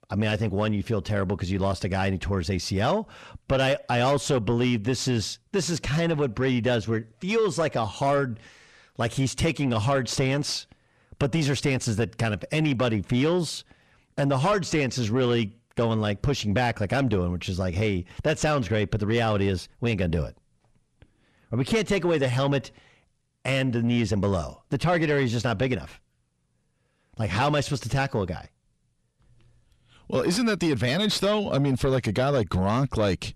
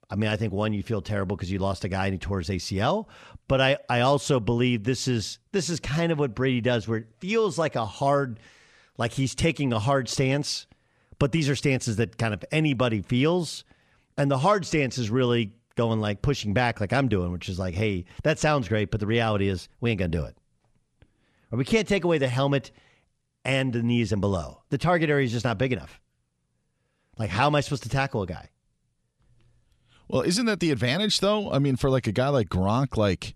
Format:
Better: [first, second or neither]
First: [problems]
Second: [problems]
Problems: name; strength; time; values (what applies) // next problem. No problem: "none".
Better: second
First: distortion; slight; 10 dB below the speech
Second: none